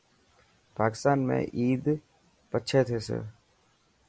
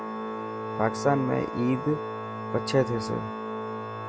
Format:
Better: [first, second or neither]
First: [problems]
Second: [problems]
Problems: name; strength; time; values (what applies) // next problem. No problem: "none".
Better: first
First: none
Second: background sound (Organ); 4 dB below the speech